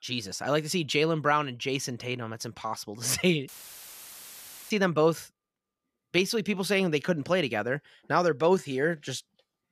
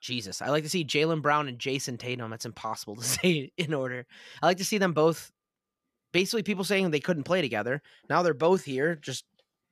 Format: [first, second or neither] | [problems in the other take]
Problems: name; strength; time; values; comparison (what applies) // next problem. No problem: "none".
second | audio cutting out; filled with static; at 3.5 s for 1 s